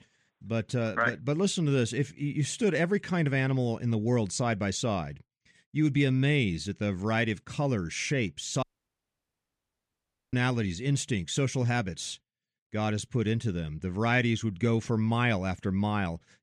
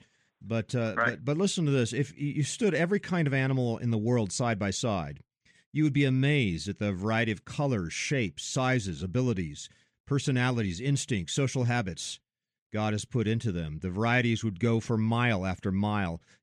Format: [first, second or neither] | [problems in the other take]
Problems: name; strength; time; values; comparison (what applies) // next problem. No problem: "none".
second | audio cutting out; at 8.5 s for 1.5 s